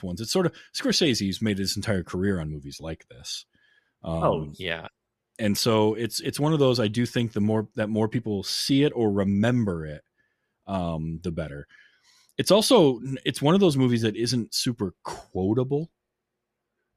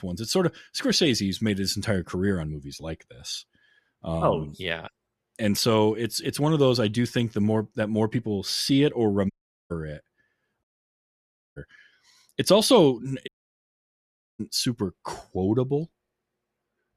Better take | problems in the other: first | audio cutting out; at 9.5 s, at 11 s for 1 s and at 13 s for 1 s

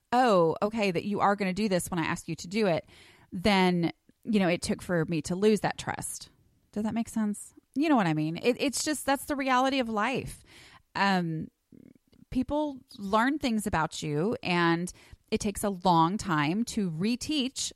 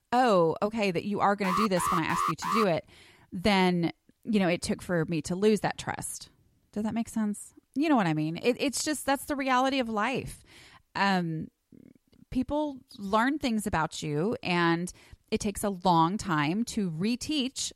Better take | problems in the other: first | alarm; noticeable; from 1.5 to 2.5 s; peak level with the speech

